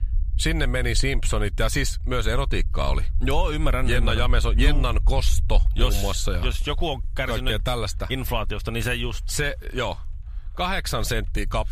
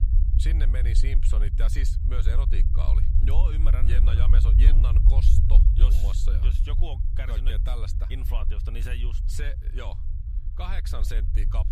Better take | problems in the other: first | low rumble; loud; throughout; 4 dB below the speech; faint in the first

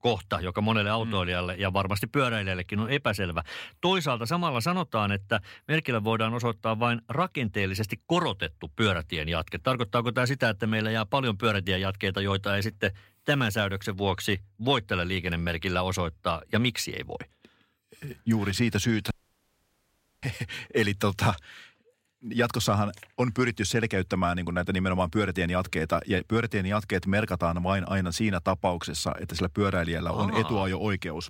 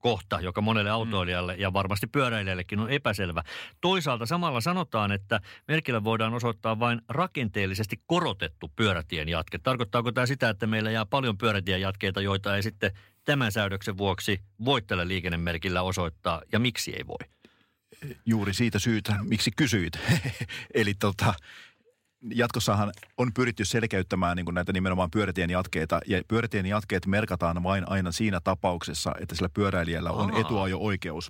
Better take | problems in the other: second | audio cutting out; at 19 s for 1 s

